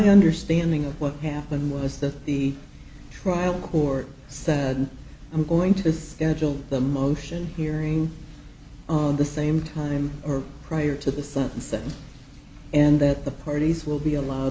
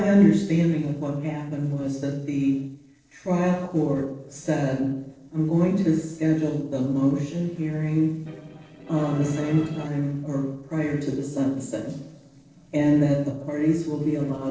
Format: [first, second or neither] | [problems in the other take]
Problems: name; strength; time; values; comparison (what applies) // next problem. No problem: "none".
first | noise reduction (neural separator model SepFormer DNS4)